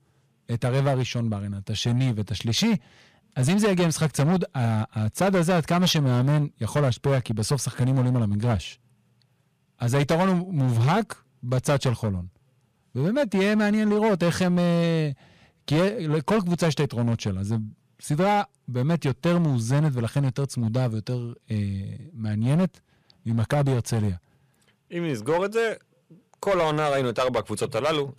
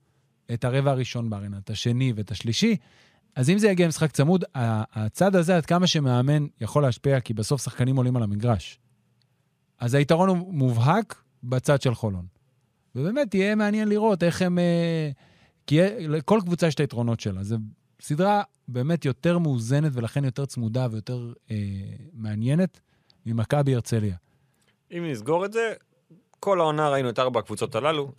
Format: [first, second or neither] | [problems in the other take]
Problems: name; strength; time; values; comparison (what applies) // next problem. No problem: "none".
second | distortion; slight; 11% of the sound clipped